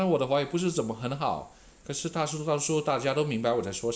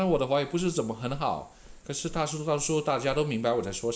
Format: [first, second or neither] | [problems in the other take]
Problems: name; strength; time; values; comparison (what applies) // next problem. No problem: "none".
first | background sound (Walk, footsteps); 18 dB below the speech